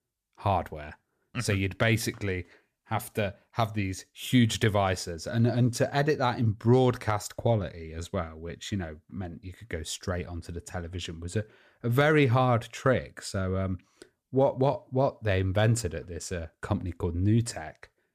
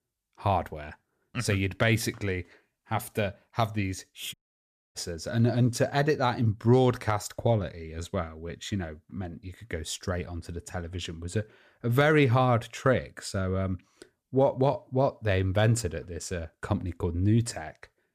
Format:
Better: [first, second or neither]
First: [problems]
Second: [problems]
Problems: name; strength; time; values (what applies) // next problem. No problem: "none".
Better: first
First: none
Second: audio cutting out; at 4.5 s for 0.5 s